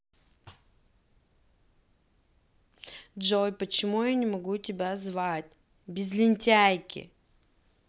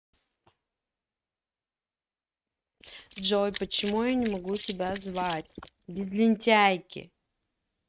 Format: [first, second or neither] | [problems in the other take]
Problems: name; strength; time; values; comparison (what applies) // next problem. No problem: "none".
first | noise reduction (neural mask model RNNoise)